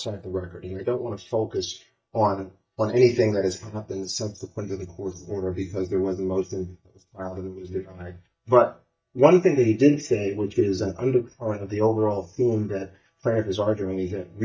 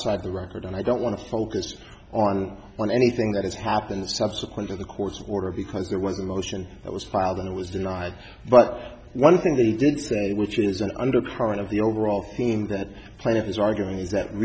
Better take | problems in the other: second | noise reduction (neural mask model DeepFilterNet 3)

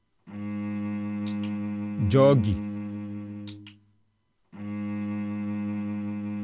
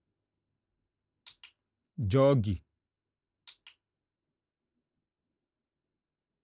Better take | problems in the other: second | background sound (Bowed string instrument); 2 dB below the speech

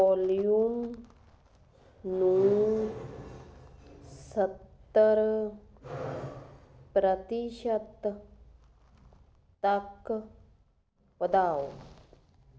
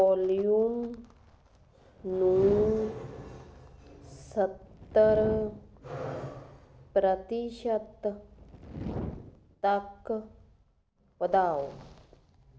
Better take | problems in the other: first | background sound (Fire); 11 dB below the speech

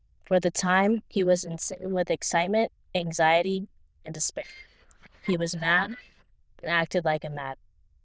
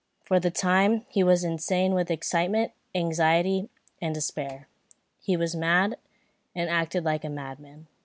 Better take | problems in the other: second | noise reduction (neural diffusion model UNIVERSE++)

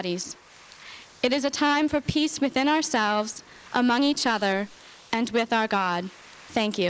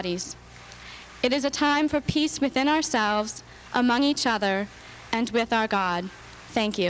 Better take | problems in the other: second | noise reduction (neural mask model Resemble Enhance denoiser)

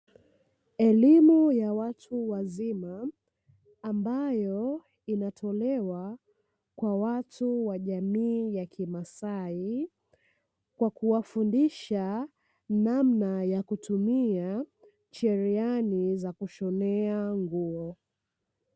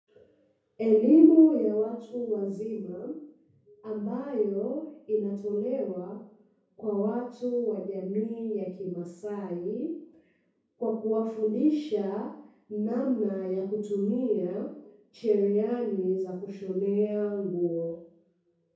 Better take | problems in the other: first | room echo; dies away in 0.6 s

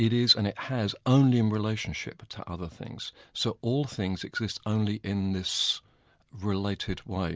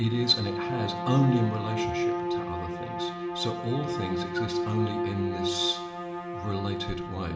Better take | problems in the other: first | background sound (Bowed string instrument); 2 dB below the speech // room echo; dies away in 1.6 s

